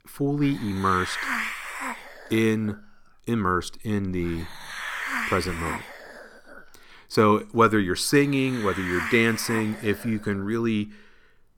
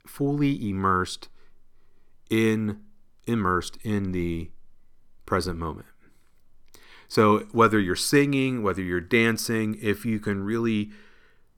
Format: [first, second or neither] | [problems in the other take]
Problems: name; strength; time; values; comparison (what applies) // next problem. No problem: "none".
second | hiss; loud; throughout; 8 dB below the speech